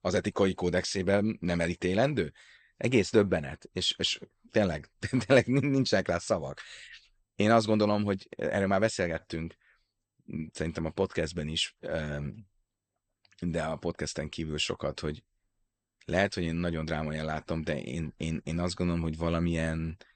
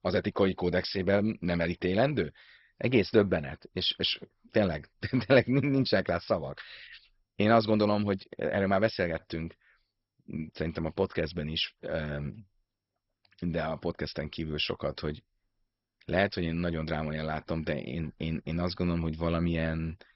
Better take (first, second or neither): first